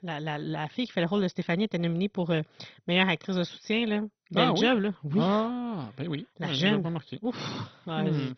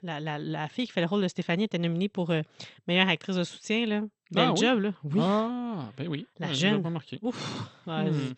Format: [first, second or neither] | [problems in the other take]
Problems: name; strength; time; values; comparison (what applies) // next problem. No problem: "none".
second | garbled, watery; badly; nothing above 6 kHz; slightly in the second